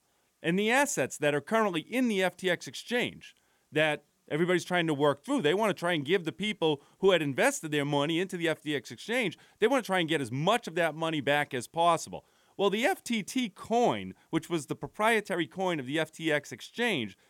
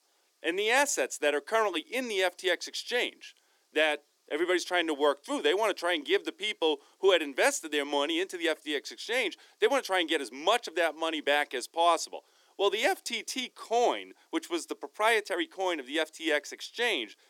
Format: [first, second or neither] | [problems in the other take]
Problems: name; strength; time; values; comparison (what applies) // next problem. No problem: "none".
first | thin; somewhat; fading below 300 Hz